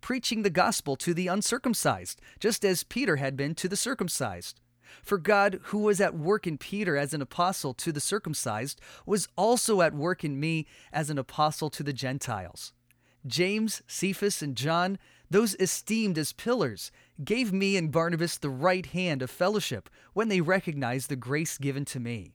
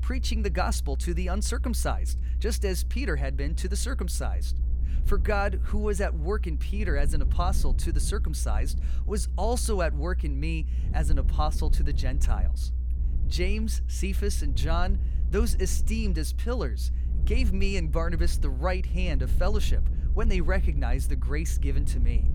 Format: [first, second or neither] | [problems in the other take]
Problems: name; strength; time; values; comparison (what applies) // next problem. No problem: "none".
first | low rumble; noticeable; throughout; 15 dB below the speech